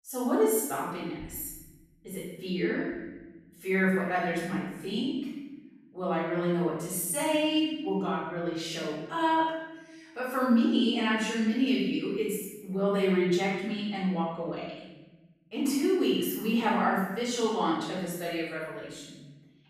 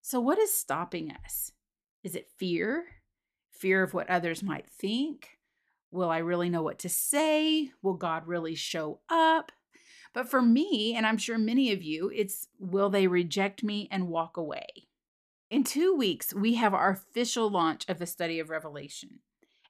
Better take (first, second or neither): second